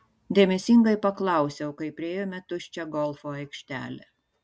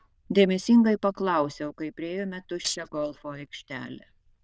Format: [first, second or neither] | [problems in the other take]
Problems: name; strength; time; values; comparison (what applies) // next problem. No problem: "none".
first | noise reduction (neural diffusion model UNIVERSE++)